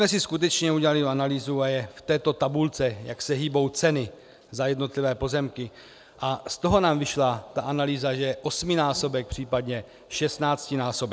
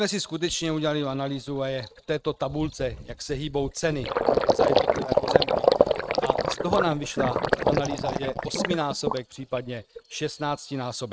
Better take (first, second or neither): first